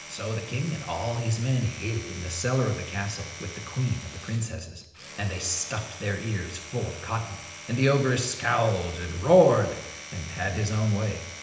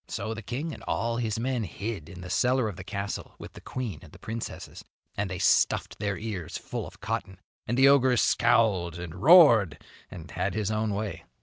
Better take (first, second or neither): second